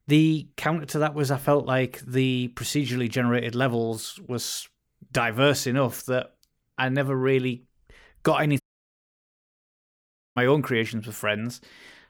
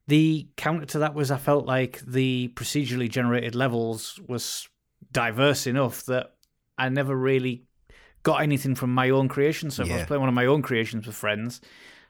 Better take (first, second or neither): second